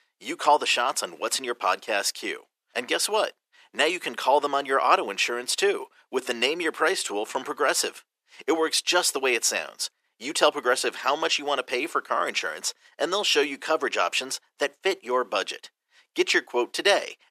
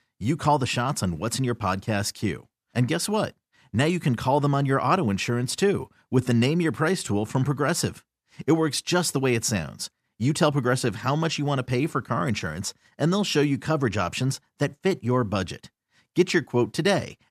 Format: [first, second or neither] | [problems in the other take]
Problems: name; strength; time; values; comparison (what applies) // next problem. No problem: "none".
second | thin; very; fading below 400 Hz